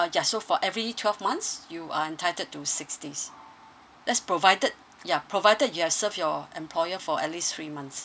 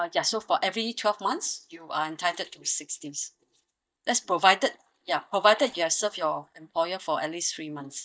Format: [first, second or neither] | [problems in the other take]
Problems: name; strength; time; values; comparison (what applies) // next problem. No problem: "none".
first | noise reduction (neural mask model DeepFilterNet 3)